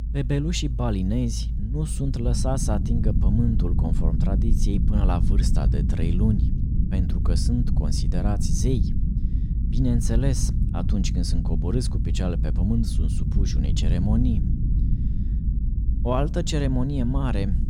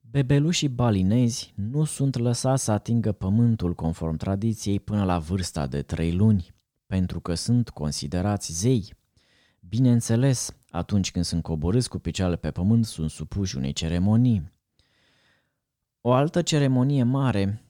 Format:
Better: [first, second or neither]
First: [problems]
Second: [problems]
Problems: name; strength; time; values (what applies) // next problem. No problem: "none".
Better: second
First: low rumble; loud; throughout; 7 dB below the speech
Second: none